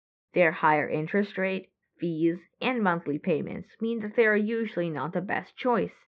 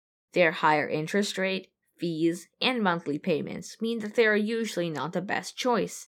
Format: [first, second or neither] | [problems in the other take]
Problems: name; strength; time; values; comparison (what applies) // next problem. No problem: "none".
second | muffled; very; fading above 2.5 kHz